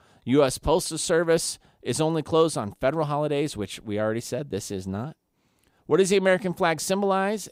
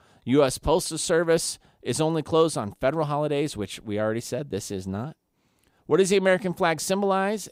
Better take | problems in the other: neither | none

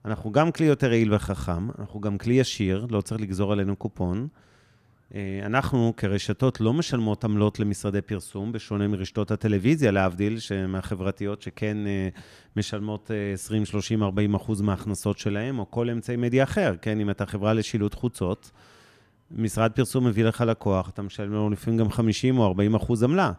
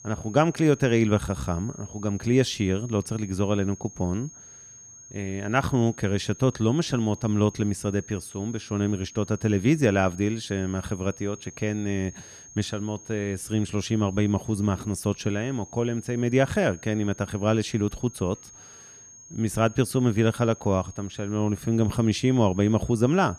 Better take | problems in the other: first | high-pitched whine; noticeable; throughout; 6.5 kHz, 20 dB below the speech

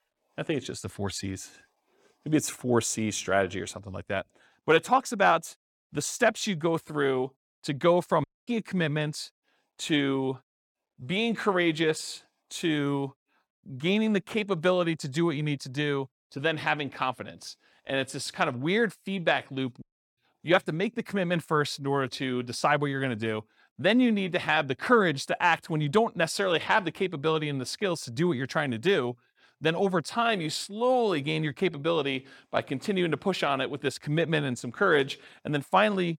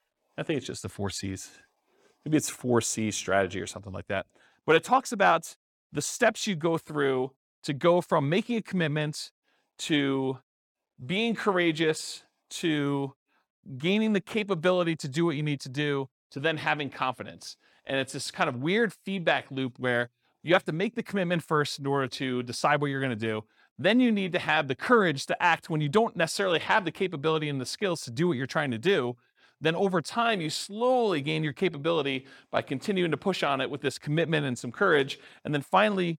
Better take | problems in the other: second | audio cutting out; at 8 s and at 20 s

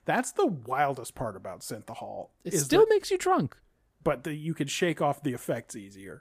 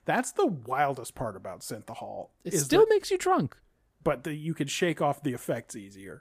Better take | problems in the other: neither | none

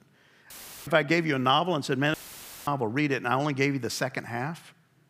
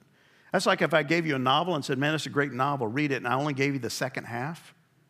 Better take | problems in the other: second | audio cutting out; filled with static; at 0.5 s and at 2 s for 0.5 s

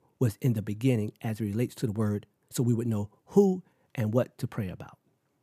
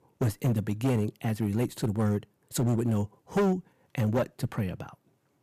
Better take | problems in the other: first | distortion; heavy; 8% of the sound clipped

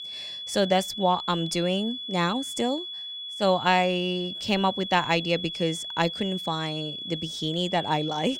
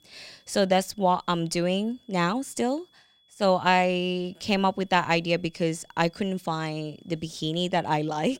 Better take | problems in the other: second | high-pitched whine; loud; throughout; 3.5 kHz, 7 dB below the speech; faint in the second

